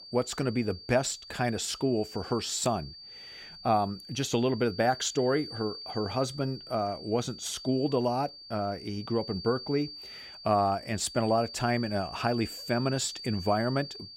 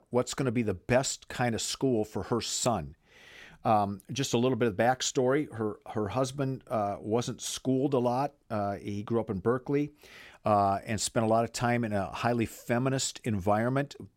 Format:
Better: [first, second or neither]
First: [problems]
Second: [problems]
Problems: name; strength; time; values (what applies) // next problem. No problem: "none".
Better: second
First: high-pitched whine; noticeable; throughout; 4.5 kHz, 10 dB below the speech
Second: none